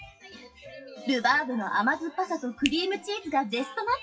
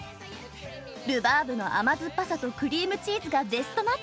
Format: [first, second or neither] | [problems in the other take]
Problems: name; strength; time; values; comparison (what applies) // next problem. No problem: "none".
second | noise reduction (classical method WPE with log-MMSE)